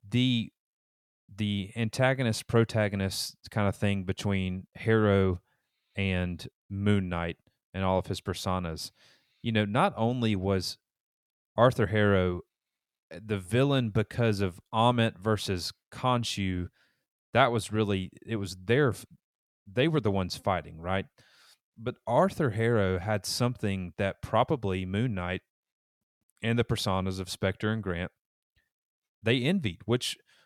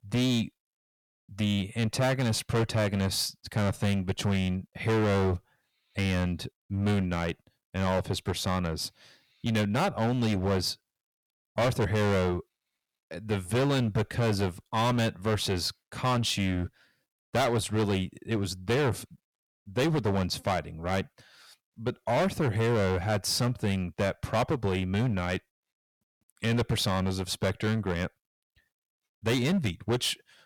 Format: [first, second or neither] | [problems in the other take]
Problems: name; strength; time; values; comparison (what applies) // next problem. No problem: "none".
first | distortion; heavy; 13% of the sound clipped